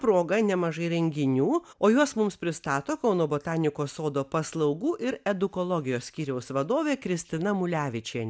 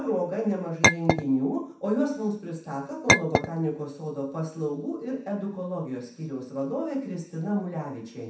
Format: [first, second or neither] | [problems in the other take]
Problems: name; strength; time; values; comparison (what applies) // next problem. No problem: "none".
first | background sound (Chink, clink); 4 dB above the speech // room echo; dies away in 0.7 s